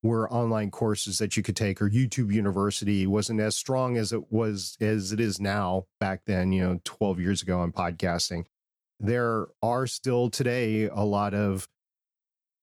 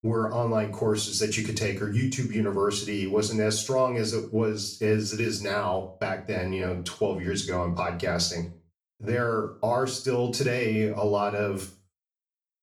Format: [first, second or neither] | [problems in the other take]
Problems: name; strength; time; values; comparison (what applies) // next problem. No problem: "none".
first | room echo; slight; dies away in 0.3 s // off-mic speech; far